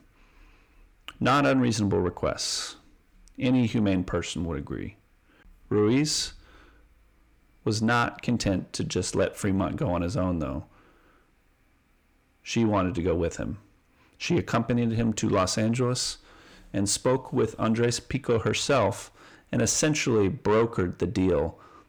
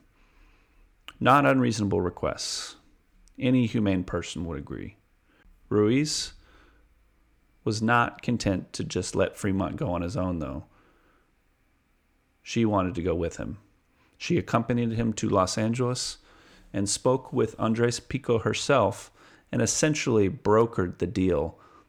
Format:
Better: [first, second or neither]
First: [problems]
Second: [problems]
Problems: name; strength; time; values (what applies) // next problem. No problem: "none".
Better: second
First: distortion; slight; 10 dB below the speech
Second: none